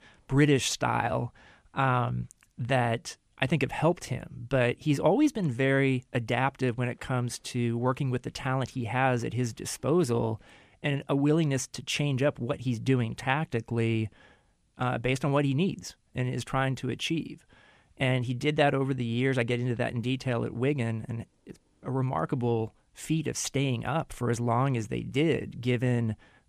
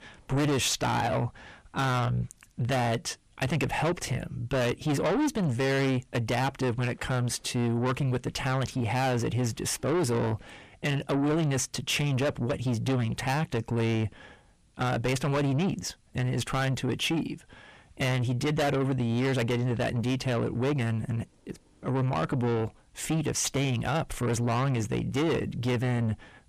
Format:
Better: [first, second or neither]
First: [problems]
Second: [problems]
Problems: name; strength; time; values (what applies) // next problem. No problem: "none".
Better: first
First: none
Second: distortion; heavy; 6 dB below the speech